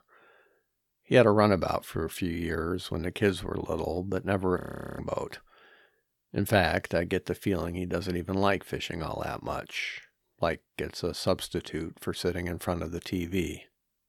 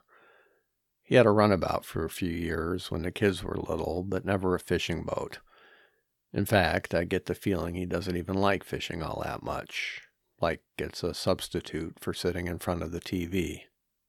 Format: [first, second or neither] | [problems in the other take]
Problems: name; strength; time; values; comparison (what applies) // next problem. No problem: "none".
second | audio freezing; at 4.5 s